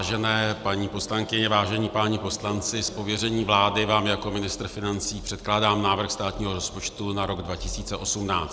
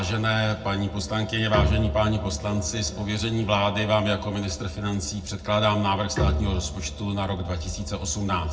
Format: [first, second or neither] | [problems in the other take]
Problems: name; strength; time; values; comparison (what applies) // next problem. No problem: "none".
first | background sound (Bowed string instrument); 8 dB below the speech // room echo; dies away in 0.3 s